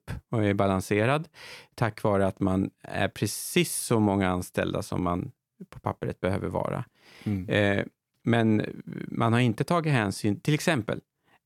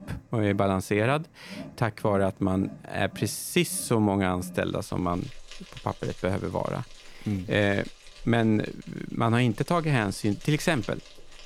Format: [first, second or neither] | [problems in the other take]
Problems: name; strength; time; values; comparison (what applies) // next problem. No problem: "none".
first | animal sounds; faint; throughout; 20 dB below the speech